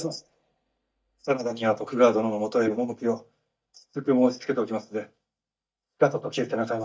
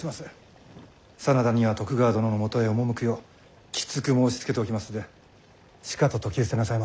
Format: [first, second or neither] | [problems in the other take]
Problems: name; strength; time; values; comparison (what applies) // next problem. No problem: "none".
second | noise reduction (neural mask model DeepFilterNet 3)